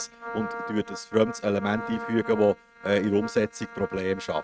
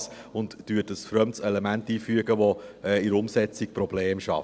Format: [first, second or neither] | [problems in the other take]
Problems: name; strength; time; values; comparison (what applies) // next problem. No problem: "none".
second | noise reduction (neural mask model RNNoise)